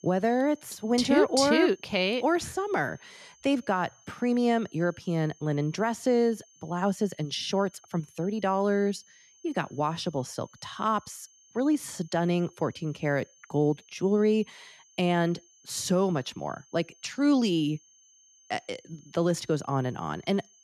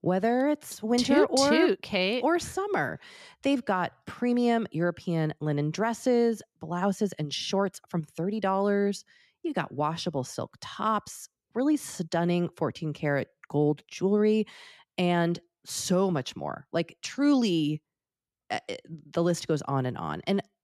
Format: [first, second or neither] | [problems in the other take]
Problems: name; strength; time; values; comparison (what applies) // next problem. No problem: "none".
second | high-pitched whine; faint; throughout; 6.5 kHz, 30 dB below the speech